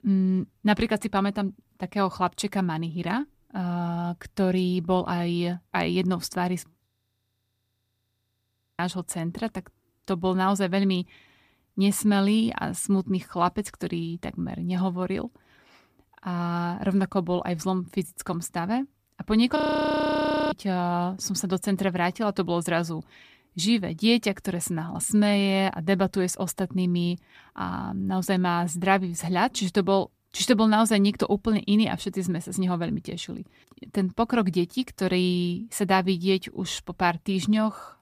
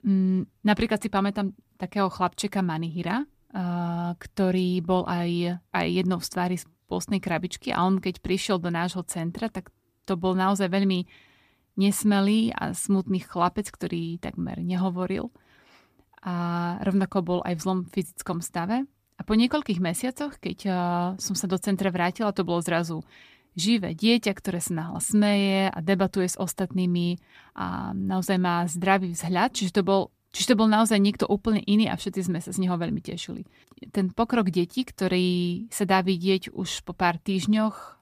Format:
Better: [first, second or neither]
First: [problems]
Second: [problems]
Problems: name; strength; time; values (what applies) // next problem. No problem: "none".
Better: second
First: audio freezing; at 7 s for 2 s and at 20 s for 1 s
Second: none